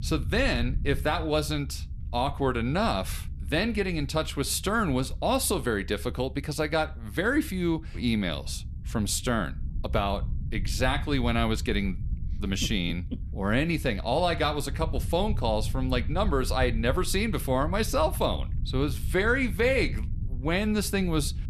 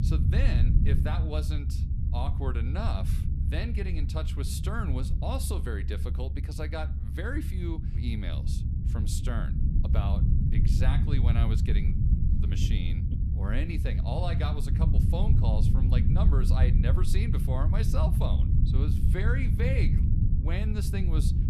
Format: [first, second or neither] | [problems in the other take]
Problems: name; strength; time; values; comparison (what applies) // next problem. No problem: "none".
first | low rumble; loud; throughout; 3 dB below the speech; faint in the first